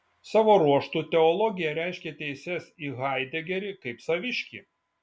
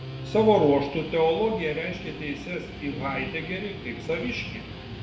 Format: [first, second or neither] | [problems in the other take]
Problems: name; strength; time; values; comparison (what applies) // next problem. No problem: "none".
first | background sound (Guitar); 11 dB below the speech // room echo; dies away in 0.7 s